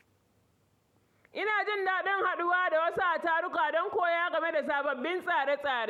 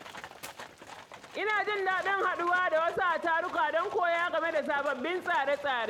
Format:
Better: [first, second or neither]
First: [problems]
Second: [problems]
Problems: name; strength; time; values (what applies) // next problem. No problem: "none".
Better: first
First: none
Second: background sound (Livestock, farm animals, working animals + Clapping); 17 dB below the speech